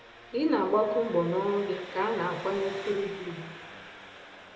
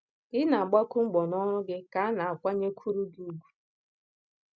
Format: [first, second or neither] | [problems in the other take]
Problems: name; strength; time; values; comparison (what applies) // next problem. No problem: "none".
second | background sound (Engine); 14 dB below the speech // room echo; dies away in 1.1 s